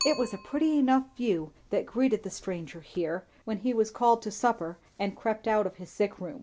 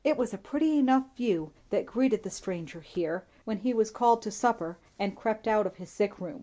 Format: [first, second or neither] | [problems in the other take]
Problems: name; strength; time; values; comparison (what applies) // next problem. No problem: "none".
second | background sound (Bicycle); 13 dB below the speech